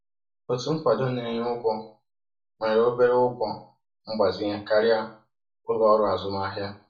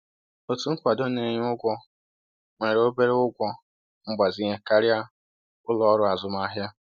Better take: second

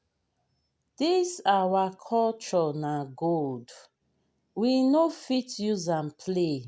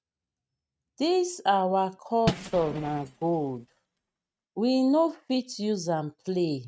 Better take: first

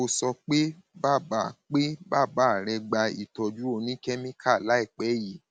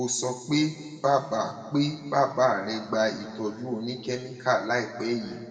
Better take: first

